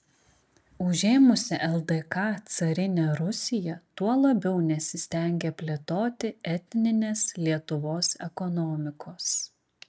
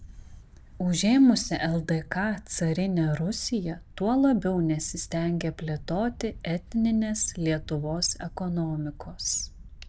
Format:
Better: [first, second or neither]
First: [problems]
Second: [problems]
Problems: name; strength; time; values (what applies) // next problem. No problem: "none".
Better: first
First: none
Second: background sound (Wind); 17 dB below the speech